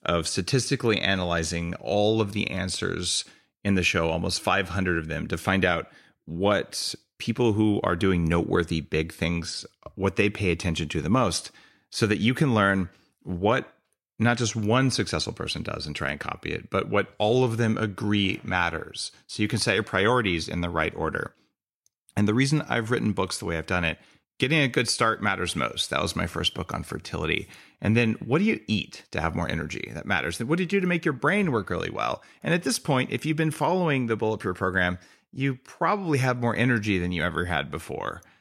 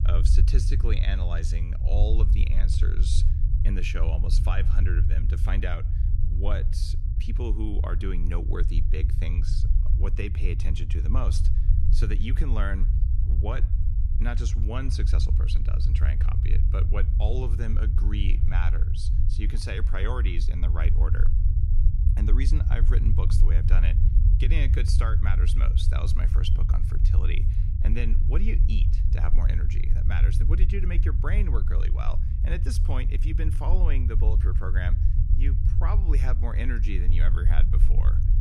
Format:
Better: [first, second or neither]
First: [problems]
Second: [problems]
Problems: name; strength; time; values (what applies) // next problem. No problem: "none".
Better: first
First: none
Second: low rumble; loud; throughout; 5 dB below the speech